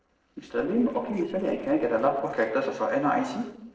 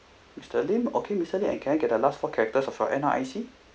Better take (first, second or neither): second